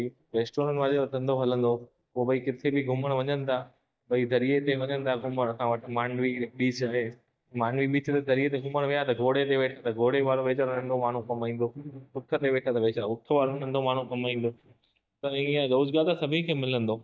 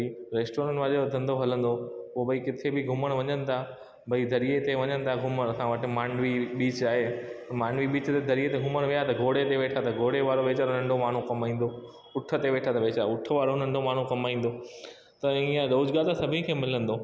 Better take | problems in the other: second | noise reduction (neural mask model DeepFilterNet 3)

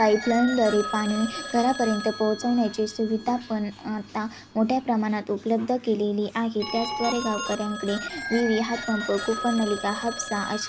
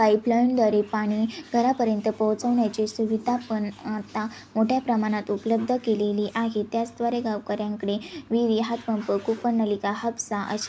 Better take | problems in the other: second | background sound (Telephone); 10 dB below the speech

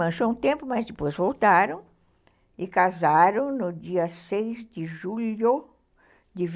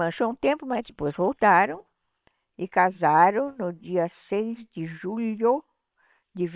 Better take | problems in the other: first | noise reduction (neural separator model SepFormer WHAM!)

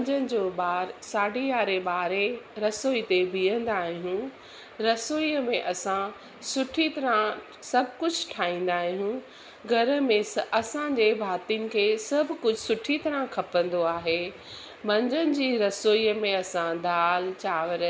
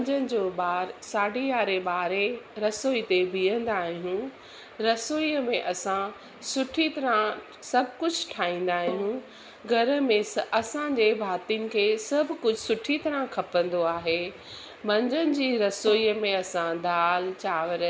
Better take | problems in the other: first | background sound (Bowed string instrument); 16 dB below the speech

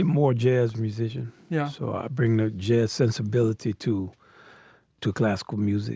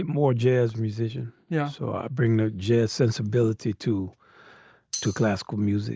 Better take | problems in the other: first | noise reduction (neural mask model DeepFilterNet 3)

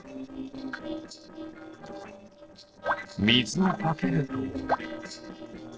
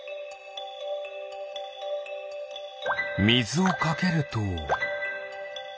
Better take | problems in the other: second | noise reduction (neural separator model SepFormer DNS4)

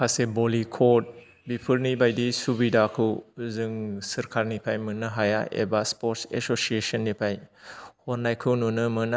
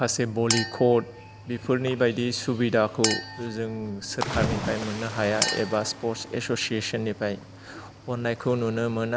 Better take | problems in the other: first | background sound (Cricket / Waves, surf + Chink, clink); 7 dB below the speech

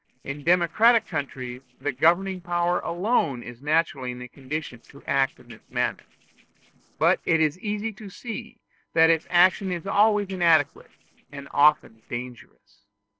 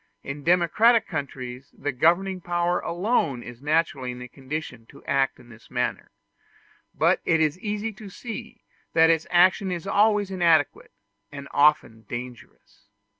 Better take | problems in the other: second | noise reduction (neural separator model SepFormer DNS4)

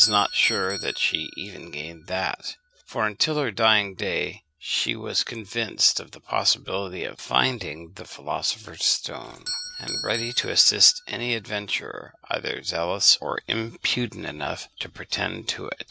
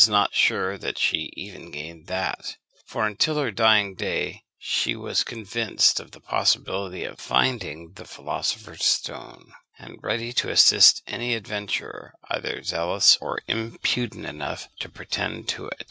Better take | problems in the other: second | background sound (Doorbell); 15 dB below the speech

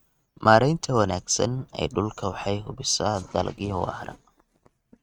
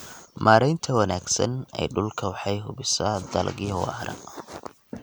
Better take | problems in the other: second | noise reduction (neural mask model RNNoise)

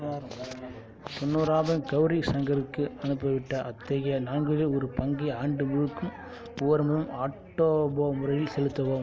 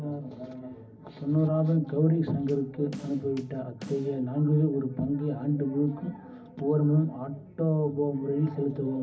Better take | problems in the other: first | background sound (Bass drum / Snare drum); 17 dB below the speech // room echo; dies away in 0.4 s

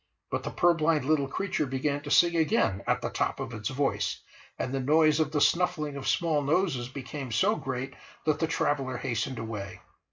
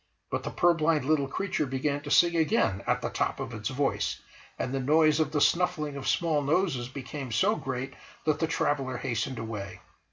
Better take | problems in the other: second | noise reduction (neural mask model Resemble Enhance denoiser)

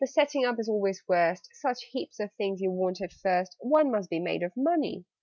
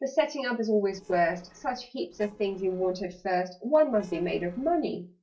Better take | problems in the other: first | noise reduction (neural separator model SepFormer DNS4)

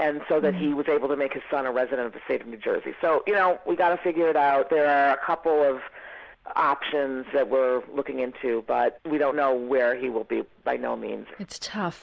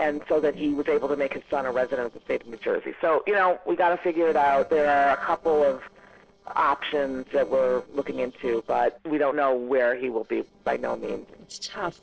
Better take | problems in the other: first | noise reduction (neural separator model SepFormer DNS4)

